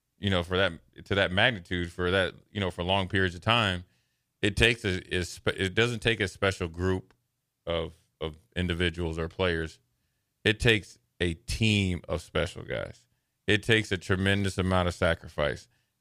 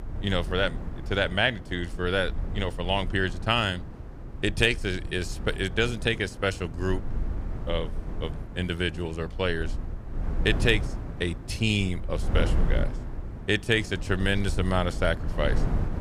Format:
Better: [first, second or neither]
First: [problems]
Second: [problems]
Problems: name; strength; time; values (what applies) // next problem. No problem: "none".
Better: first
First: none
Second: wind noise on the microphone; occasional gusts; 15 dB below the speech